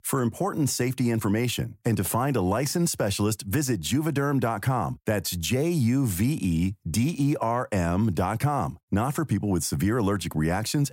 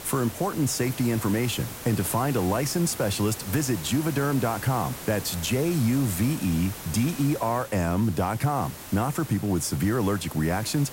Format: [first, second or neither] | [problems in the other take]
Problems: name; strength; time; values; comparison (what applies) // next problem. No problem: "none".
first | hiss; noticeable; throughout; 10 dB below the speech